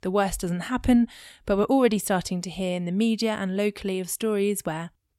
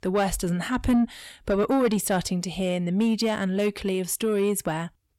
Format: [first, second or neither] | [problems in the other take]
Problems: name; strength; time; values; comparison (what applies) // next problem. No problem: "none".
first | distortion; slight; 10 dB below the speech